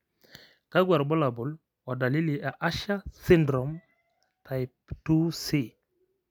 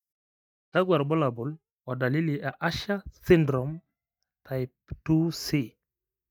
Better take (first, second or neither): first